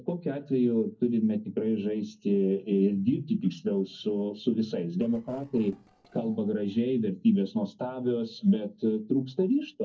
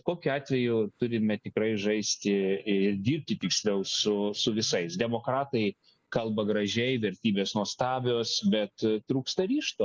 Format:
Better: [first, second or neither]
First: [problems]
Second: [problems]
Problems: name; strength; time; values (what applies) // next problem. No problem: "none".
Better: second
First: noise reduction (neural separator model SepFormer DNS4)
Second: none